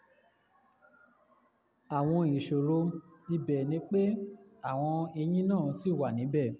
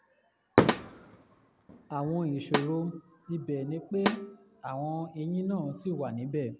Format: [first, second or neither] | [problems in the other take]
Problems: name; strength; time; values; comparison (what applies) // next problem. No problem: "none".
first | background sound (Snare drum + Fireworks); 1 dB above the speech